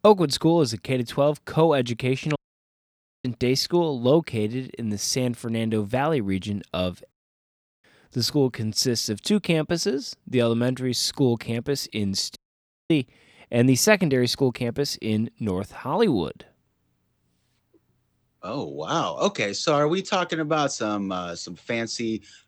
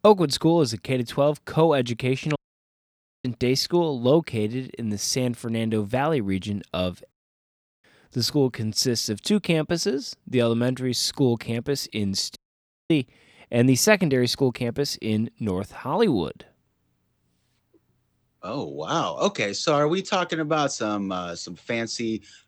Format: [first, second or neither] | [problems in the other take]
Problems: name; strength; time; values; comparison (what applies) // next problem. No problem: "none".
neither | audio cutting out; at 2.5 s for 1 s, at 7 s for 0.5 s and at 12 s for 0.5 s; the same in both